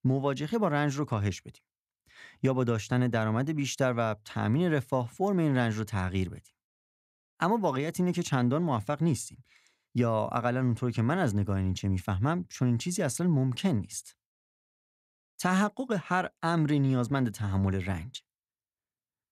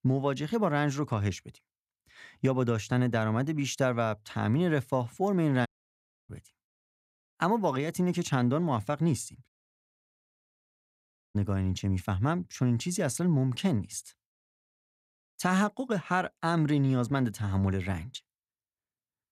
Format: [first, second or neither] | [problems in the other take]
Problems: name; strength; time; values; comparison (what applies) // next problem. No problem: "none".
first | audio cutting out; at 5.5 s for 0.5 s and at 9.5 s for 2 s